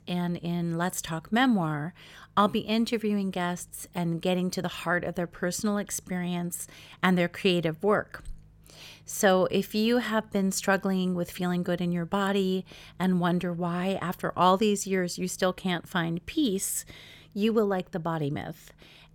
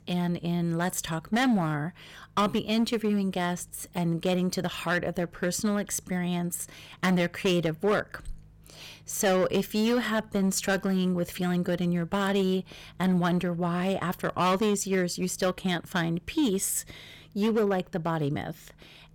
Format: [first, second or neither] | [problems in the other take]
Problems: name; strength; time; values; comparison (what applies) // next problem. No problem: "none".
first | distortion; slight; 6% of the sound clipped